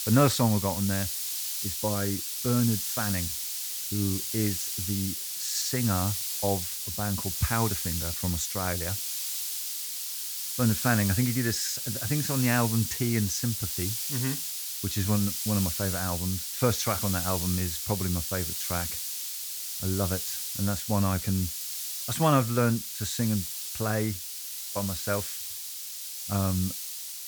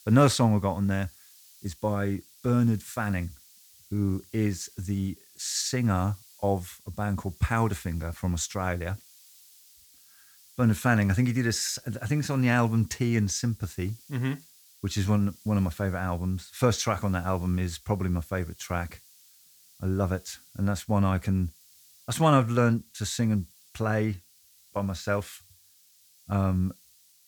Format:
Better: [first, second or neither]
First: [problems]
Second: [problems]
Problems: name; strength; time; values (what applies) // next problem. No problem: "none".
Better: second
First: hiss; loud; throughout; 1 dB below the speech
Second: hiss; faint; throughout; 25 dB below the speech